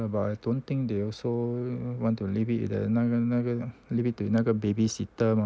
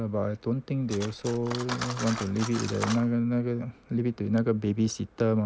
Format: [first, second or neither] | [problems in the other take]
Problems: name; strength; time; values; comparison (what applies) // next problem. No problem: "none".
first | background sound (Cutlery, silverware); 13 dB below the speech